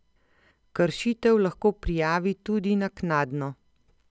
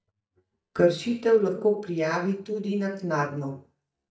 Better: first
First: none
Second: noise reduction (neural mask model DeepFilterNet 3)

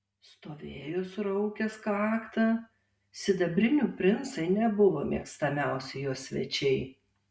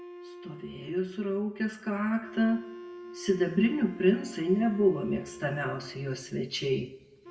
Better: first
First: none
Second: background sound (Wind instrument, woodwind instrument); 17 dB below the speech // room echo; dies away in 1.1 s

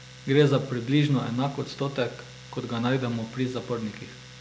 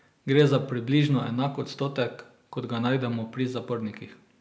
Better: second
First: background sound (Domestic sounds, home sounds); 18 dB below the speech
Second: none

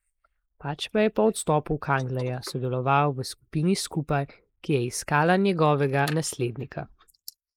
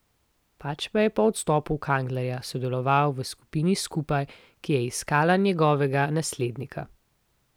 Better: second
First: noise reduction (neural mask model Resemble Enhance denoiser)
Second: none

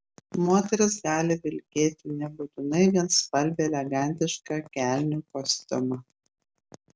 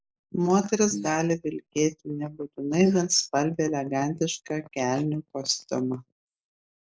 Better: first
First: none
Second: noise reduction (neural mask model Resemble Enhance denoiser)

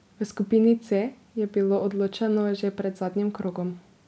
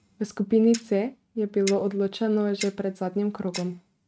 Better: first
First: none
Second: noise reduction (neural mask model RNNoise)

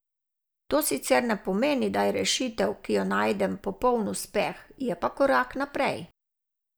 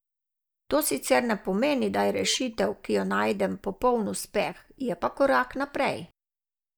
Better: first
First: none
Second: noise reduction (neural mask model DeepFilterNet 3)

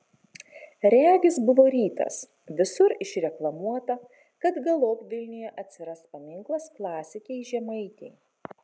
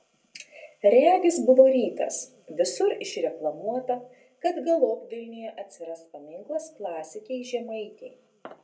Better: first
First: none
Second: room echo; dies away in 0.2 s

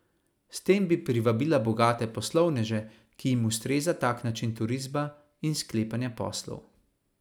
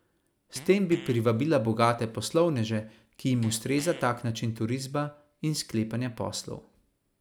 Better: first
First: none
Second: background sound (Fart); 18 dB below the speech

